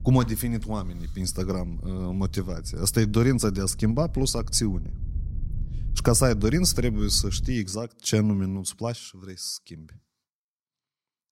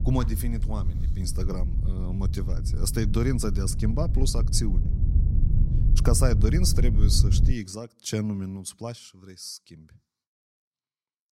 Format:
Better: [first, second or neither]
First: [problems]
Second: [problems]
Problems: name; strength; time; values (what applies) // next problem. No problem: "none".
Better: first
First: low rumble; faint; until 7.5 s; 25 dB below the speech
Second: low rumble; loud; until 7.5 s; 9 dB below the speech